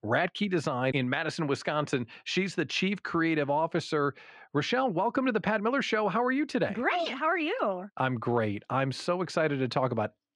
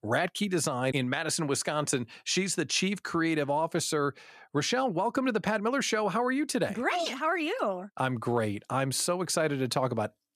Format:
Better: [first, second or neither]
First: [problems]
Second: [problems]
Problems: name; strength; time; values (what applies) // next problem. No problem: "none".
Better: second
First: muffled; slightly; fading above 3 kHz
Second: none